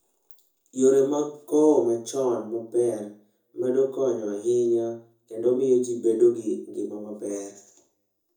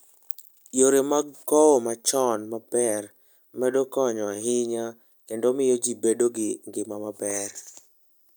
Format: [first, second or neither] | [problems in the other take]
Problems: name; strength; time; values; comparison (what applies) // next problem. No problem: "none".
second | room echo; dies away in 0.5 s